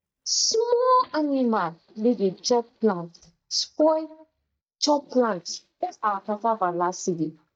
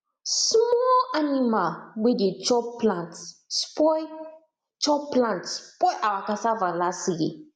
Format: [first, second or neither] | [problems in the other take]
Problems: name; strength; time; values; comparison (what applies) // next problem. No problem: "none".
second | noise reduction (neural mask model DeepFilterNet 3)